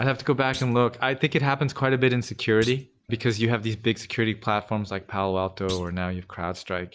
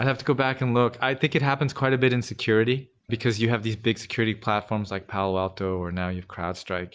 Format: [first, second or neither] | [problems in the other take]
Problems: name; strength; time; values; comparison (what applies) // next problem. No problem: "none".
second | background sound (Thump, thud); 19 dB below the speech